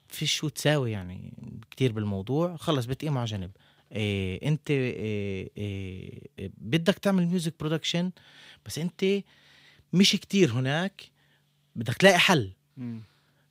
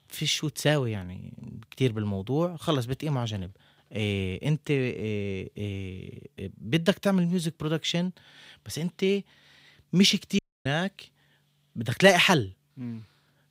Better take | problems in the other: first | audio cutting out; at 10 s

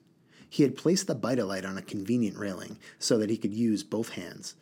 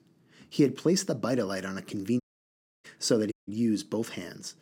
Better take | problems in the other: first | audio cutting out; at 2 s for 0.5 s and at 3.5 s

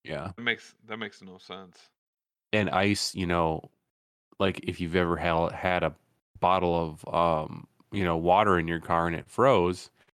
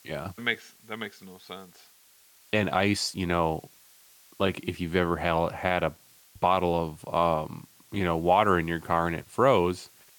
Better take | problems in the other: first | hiss; faint; throughout; 25 dB below the speech

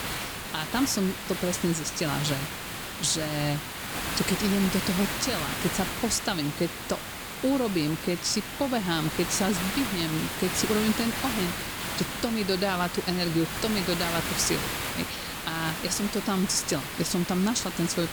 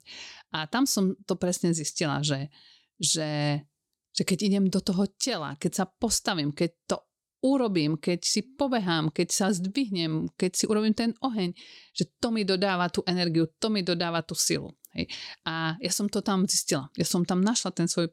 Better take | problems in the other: second | hiss; loud; throughout; 4 dB below the speech

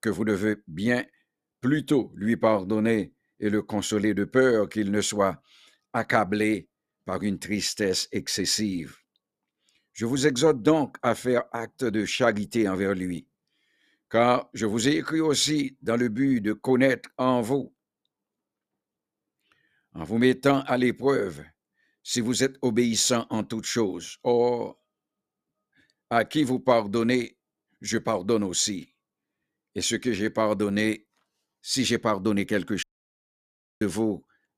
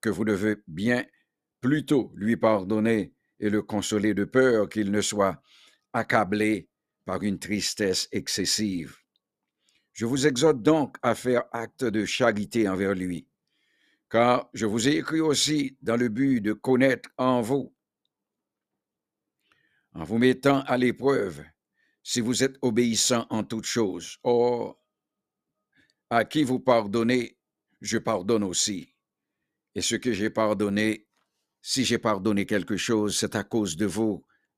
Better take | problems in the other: second | audio cutting out; at 33 s for 1 s

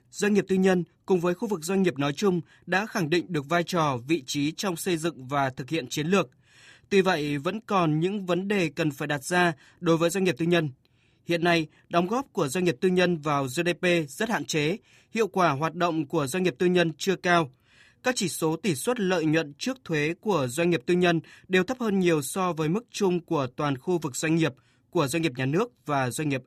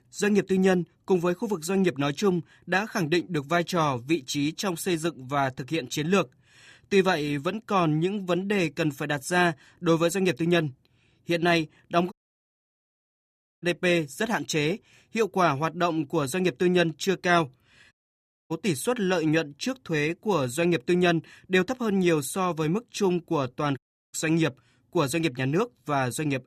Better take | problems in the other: first | audio cutting out; at 12 s for 1.5 s, at 18 s for 0.5 s and at 24 s

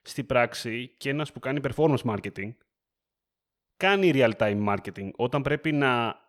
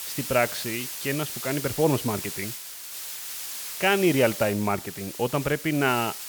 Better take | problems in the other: first | hiss; loud; throughout; 7 dB below the speech

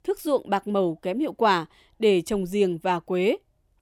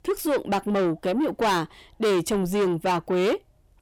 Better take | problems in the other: first | distortion; heavy; 8 dB below the speech

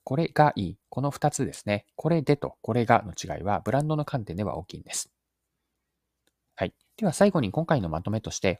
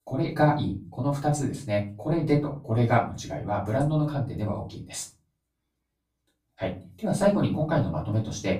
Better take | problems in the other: first | off-mic speech; far // room echo; slight; dies away in 0.3 s

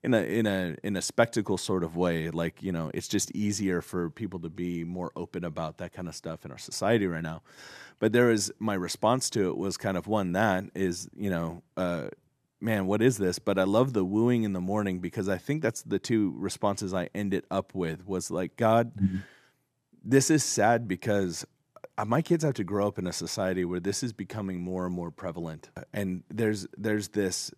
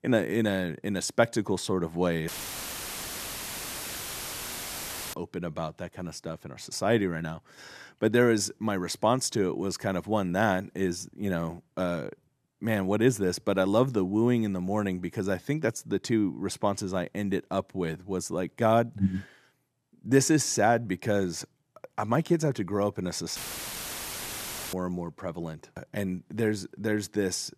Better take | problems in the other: first | audio cutting out; filled with static; at 2.5 s for 3 s and at 23 s for 1.5 s

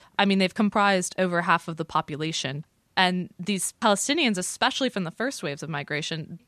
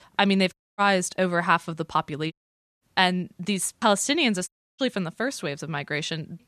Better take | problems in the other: first | audio cutting out; at 0.5 s, at 2.5 s and at 4.5 s

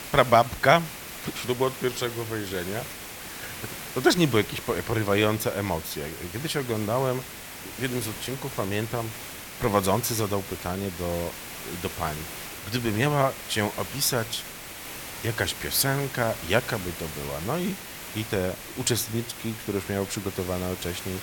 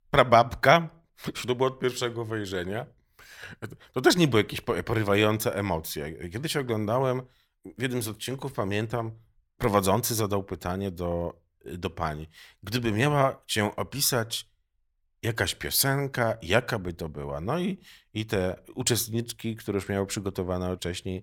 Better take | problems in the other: second | hiss; loud; throughout; 10 dB below the speech

